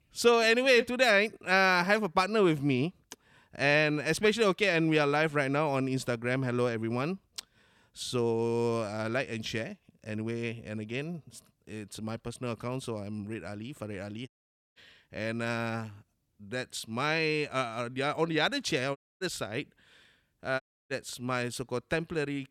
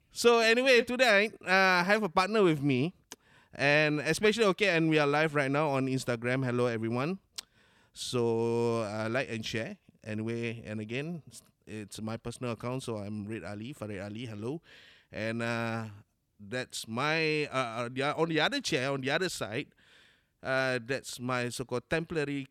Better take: second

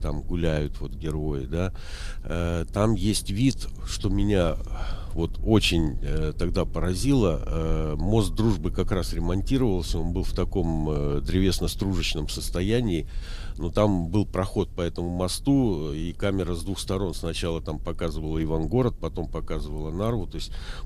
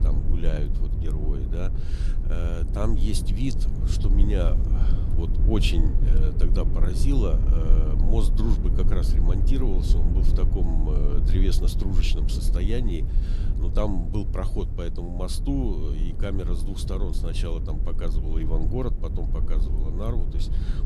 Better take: first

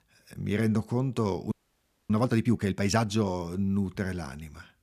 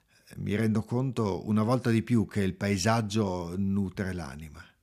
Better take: second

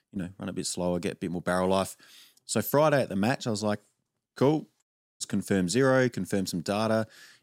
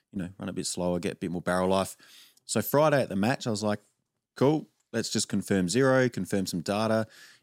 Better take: second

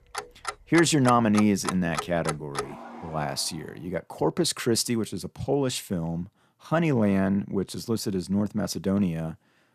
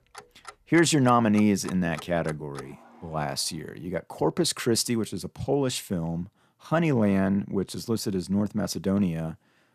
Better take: second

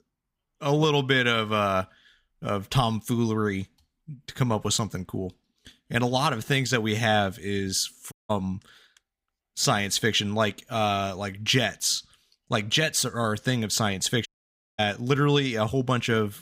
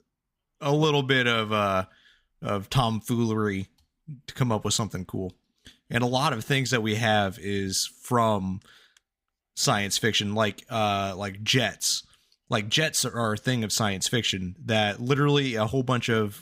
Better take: second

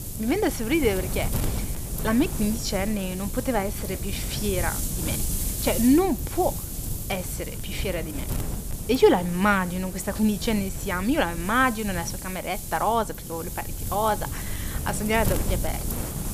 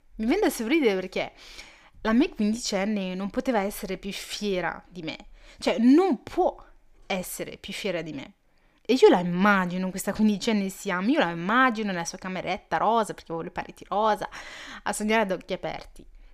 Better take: second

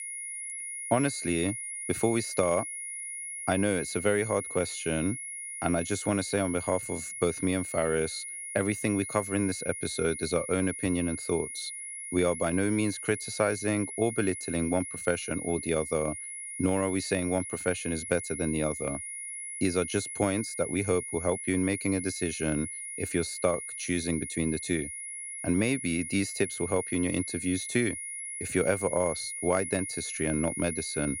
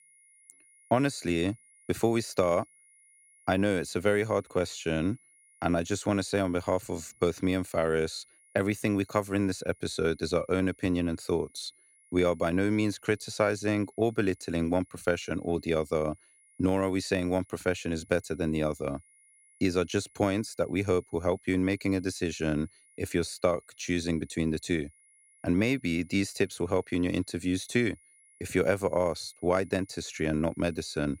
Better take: second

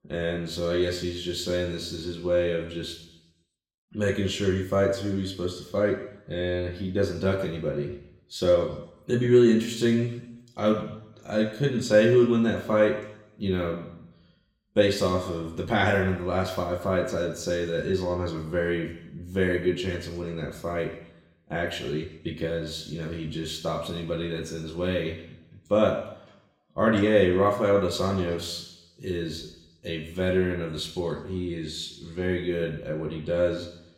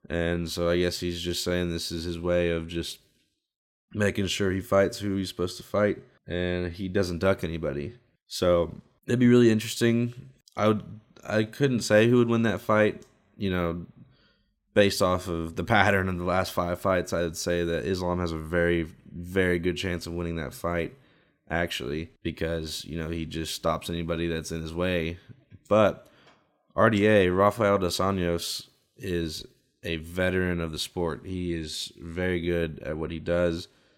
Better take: second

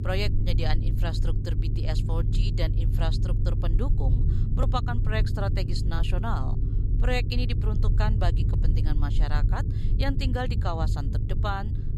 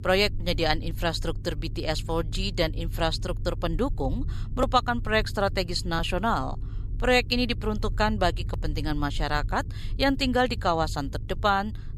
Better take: second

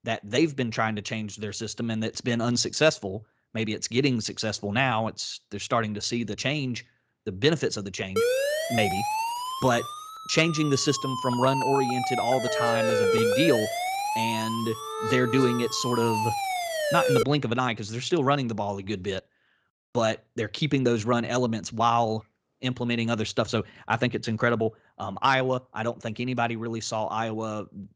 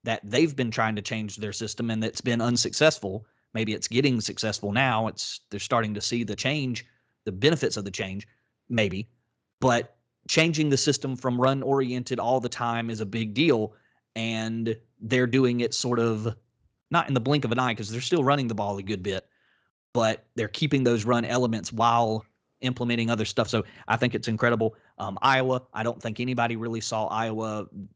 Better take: second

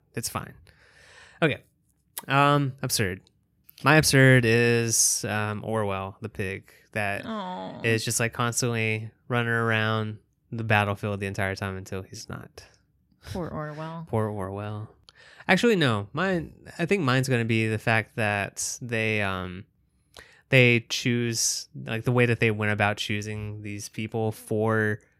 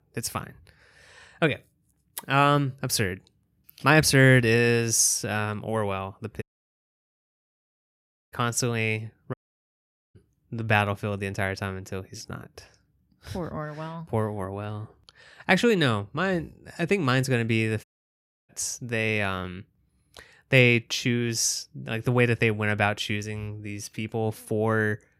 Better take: first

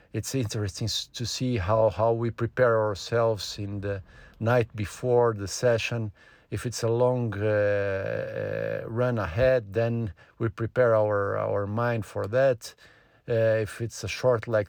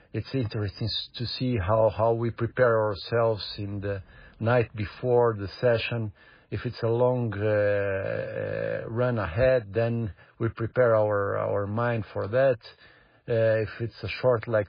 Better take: first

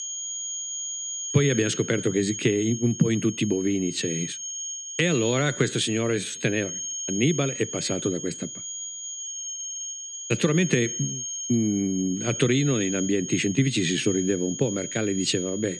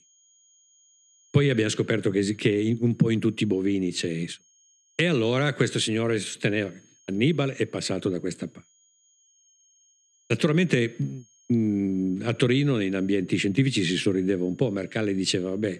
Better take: second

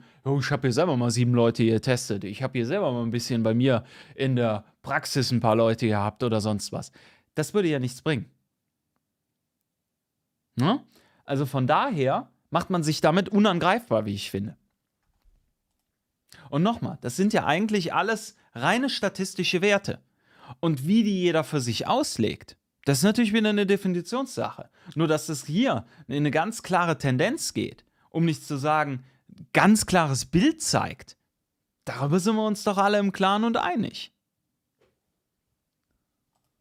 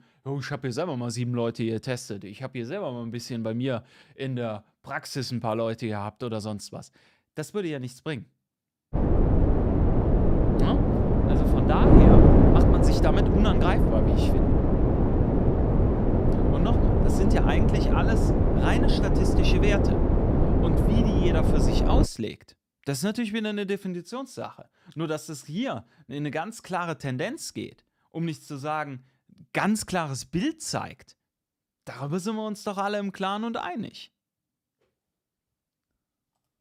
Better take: first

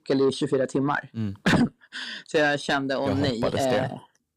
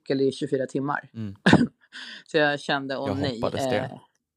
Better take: second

